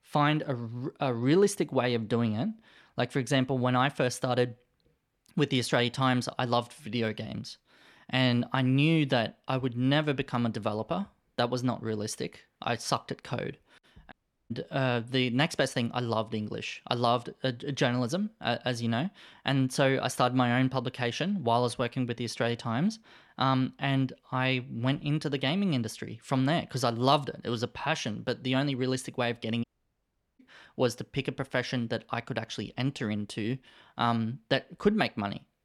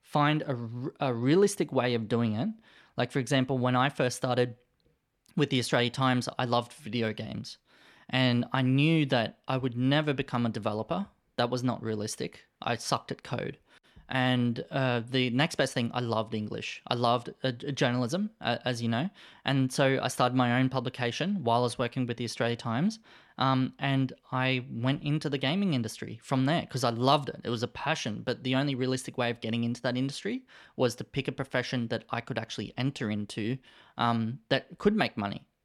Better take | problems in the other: second | audio cutting out; at 14 s and at 30 s for 1 s

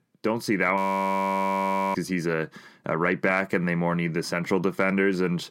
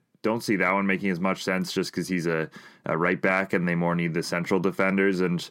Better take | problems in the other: second | audio freezing; at 1 s for 1 s

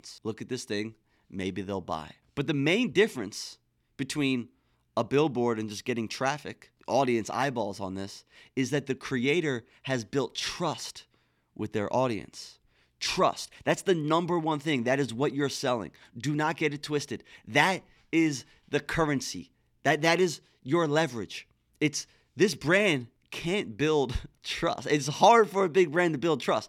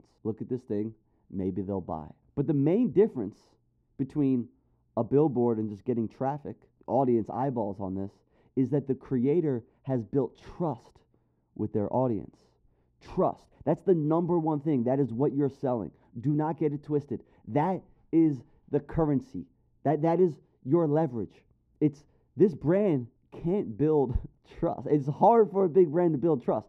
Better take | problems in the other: first | muffled; very; fading above 1 kHz

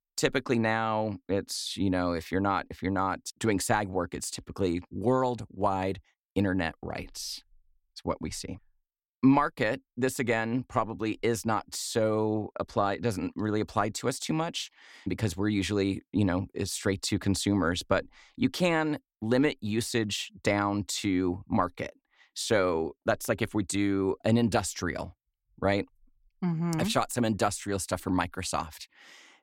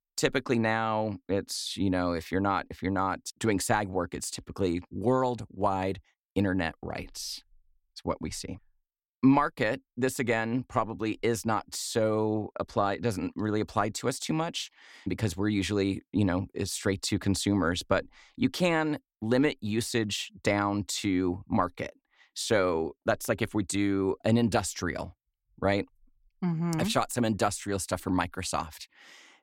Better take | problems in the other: neither | none

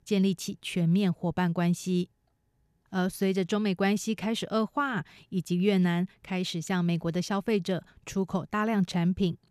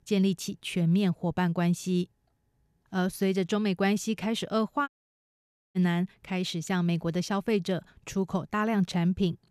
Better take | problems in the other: first | audio cutting out; at 5 s for 1 s

